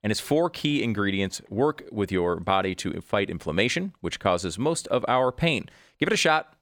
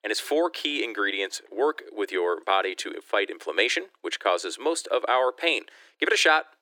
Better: first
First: none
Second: thin; very; fading below 300 Hz

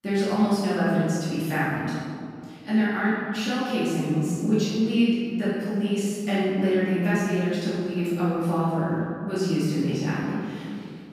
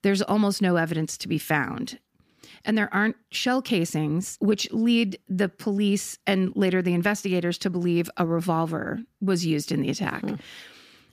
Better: second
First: off-mic speech; far // room echo; strong; dies away in 2.1 s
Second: none

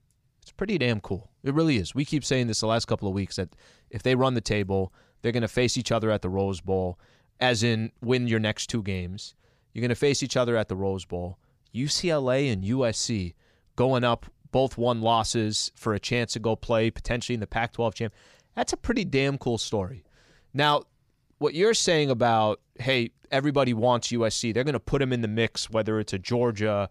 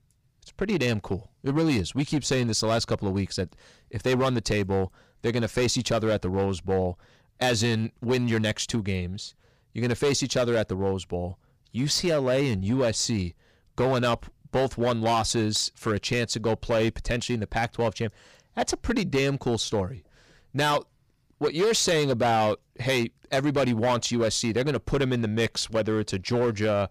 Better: first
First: none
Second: distortion; slight; 8% of the sound clipped

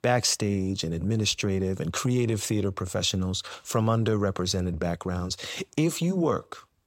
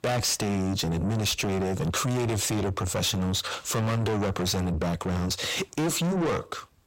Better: first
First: none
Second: distortion; heavy; 5 dB below the speech

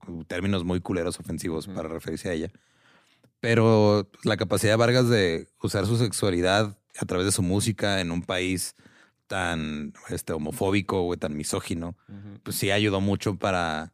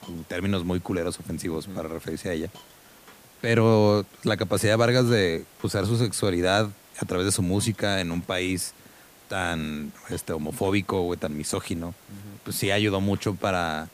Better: first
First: none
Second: hiss; faint; throughout; 25 dB below the speech

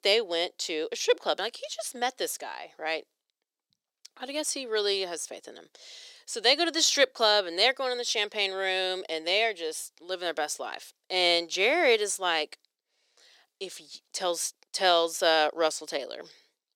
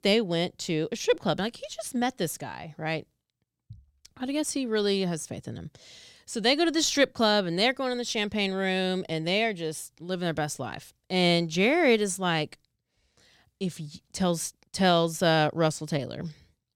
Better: second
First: thin; very; fading below 400 Hz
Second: none

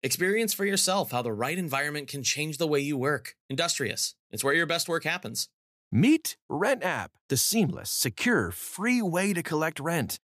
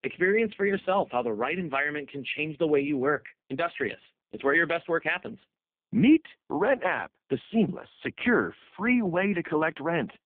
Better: first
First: none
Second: phone-call audio; poor line

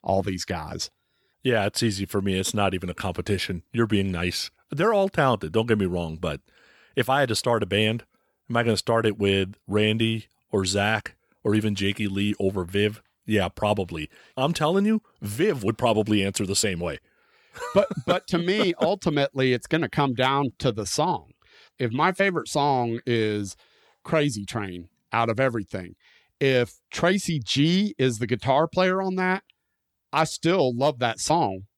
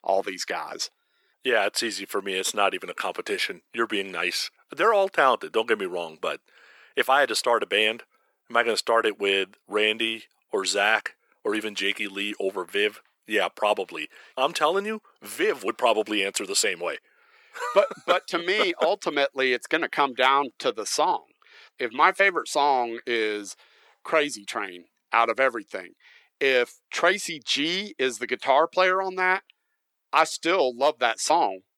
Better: first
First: none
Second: thin; very; fading below 350 Hz

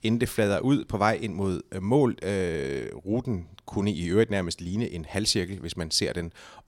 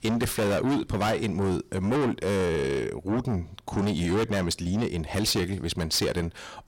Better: first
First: none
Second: distortion; heavy; 6 dB below the speech

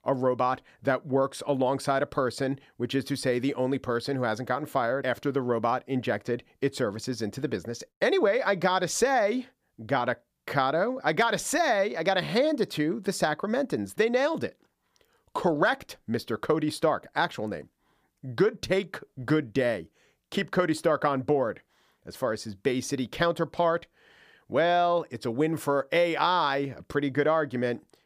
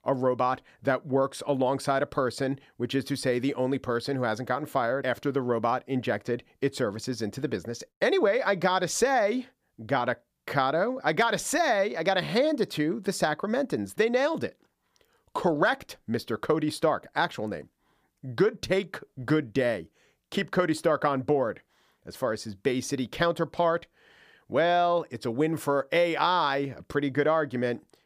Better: neither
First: none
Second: none

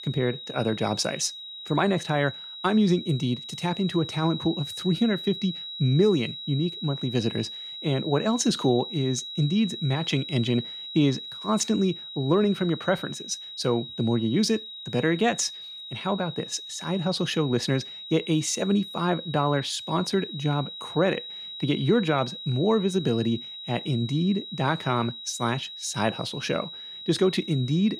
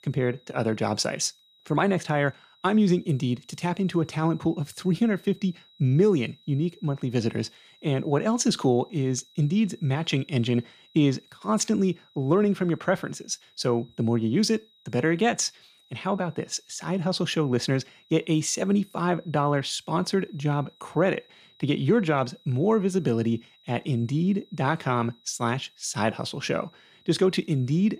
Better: second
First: high-pitched whine; loud; throughout; 4 kHz, 10 dB below the speech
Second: high-pitched whine; faint; throughout; 4 kHz, 30 dB below the speech

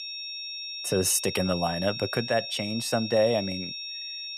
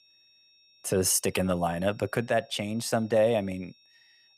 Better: second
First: high-pitched whine; loud; throughout; 5.5 kHz, 7 dB below the speech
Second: high-pitched whine; faint; throughout; 5.5 kHz, 30 dB below the speech

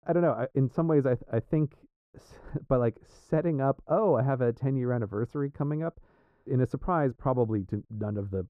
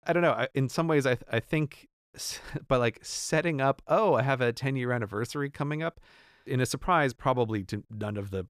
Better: second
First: muffled; very; fading above 1.5 kHz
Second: none

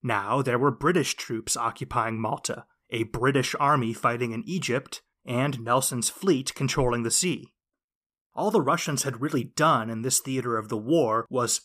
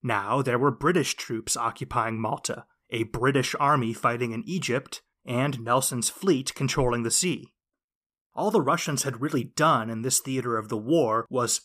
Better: neither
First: none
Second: none

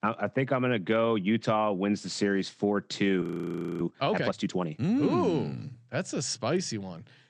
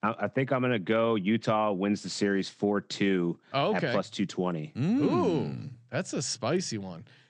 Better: second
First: audio freezing; at 3 s for 0.5 s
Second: none

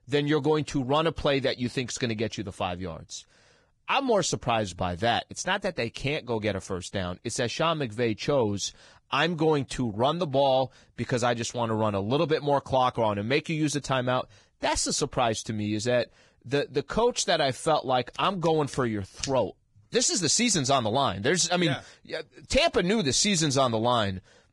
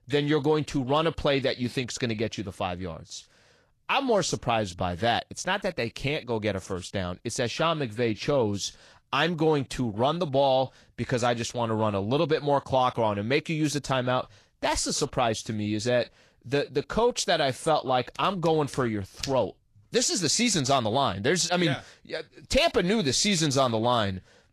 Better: second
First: garbled, watery; badly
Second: garbled, watery; slightly

